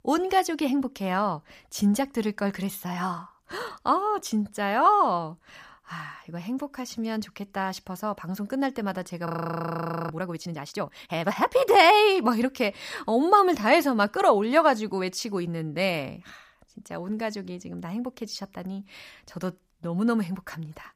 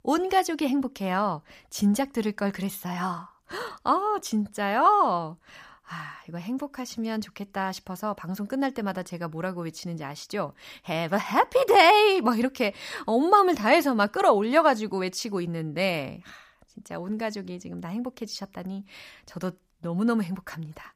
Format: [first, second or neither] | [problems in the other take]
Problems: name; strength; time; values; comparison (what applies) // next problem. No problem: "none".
second | audio freezing; at 9.5 s for 1 s